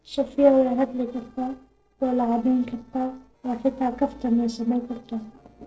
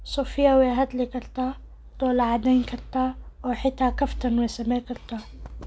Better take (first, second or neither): second